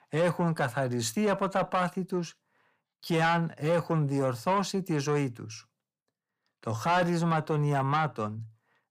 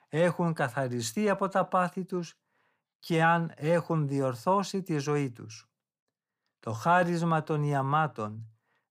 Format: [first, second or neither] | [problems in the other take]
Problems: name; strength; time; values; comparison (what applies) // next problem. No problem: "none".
second | distortion; slight; 10 dB below the speech